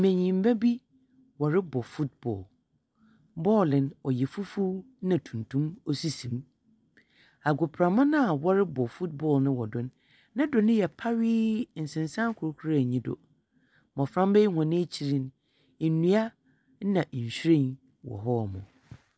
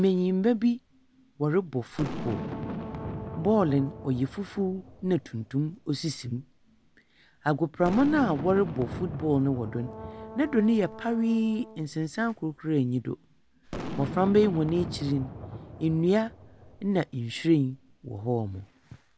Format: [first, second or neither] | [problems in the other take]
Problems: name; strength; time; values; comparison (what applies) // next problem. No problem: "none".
first | background sound (Boom + Brass instrument); 12 dB below the speech